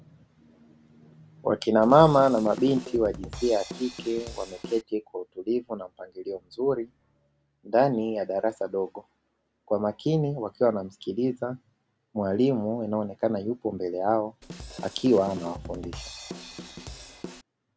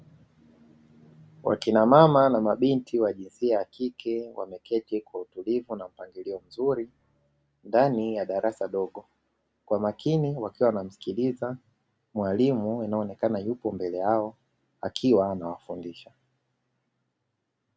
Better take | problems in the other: second | background sound (Drum kit); 13 dB below the speech

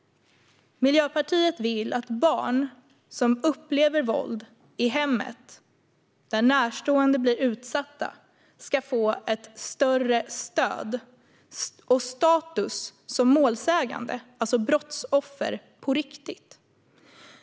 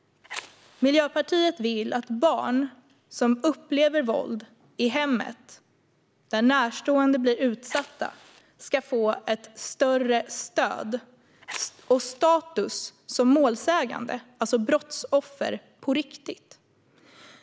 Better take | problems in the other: first | background sound (Fire); 18 dB below the speech

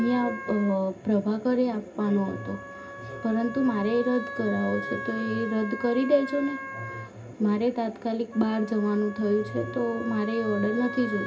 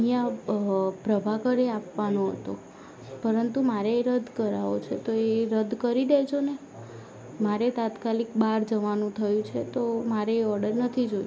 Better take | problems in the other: second | background sound (Wind instrument, woodwind instrument); 12 dB below the speech // room echo; dies away in 0.4 s

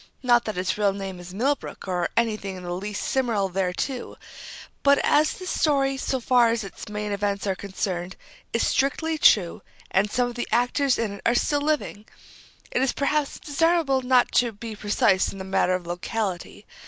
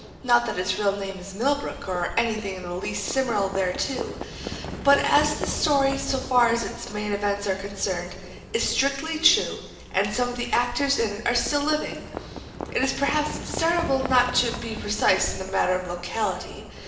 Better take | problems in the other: first | background sound (Livestock, farm animals, working animals); 11 dB below the speech // room echo; dies away in 1.2 s

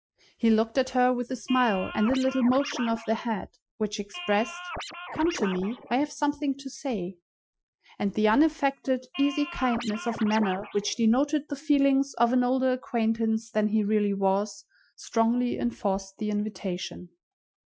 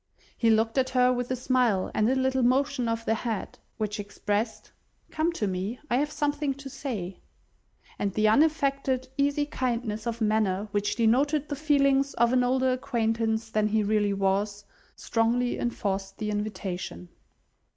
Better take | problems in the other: second | noise reduction (classical method Wiener filter)

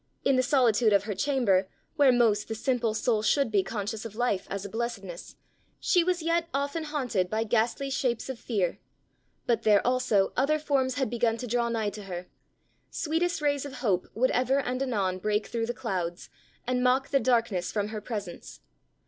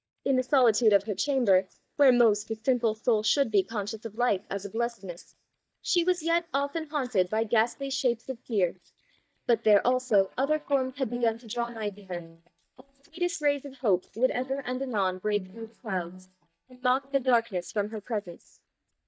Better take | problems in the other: first | noise reduction (neural mask model DeepFilterNet 3)

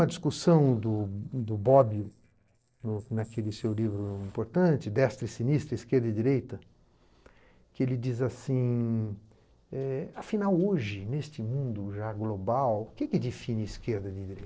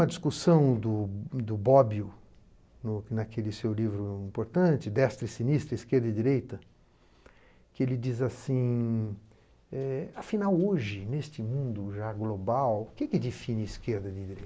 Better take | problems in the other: second | noise reduction (neural separator model SepFormer DNS4)

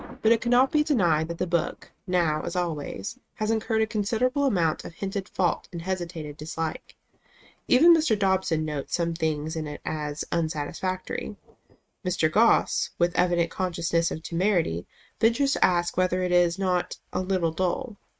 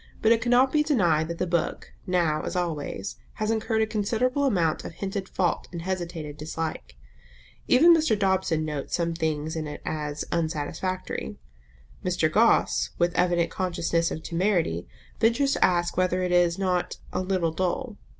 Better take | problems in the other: second | noise reduction (neural mask model RNNoise)

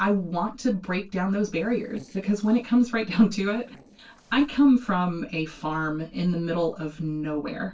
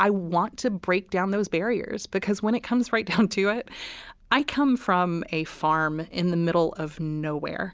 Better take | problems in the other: second | noise reduction (neural separator model SepFormer DNS4)

